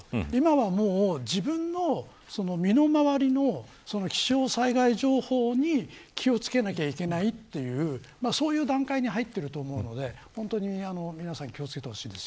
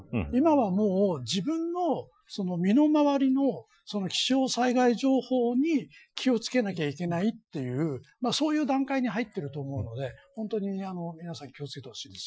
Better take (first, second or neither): first